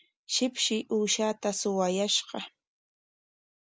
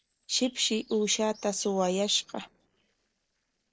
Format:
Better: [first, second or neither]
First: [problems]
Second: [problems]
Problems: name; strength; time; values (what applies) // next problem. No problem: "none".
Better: first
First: none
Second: noise reduction (neural separator model SepFormer DNS4)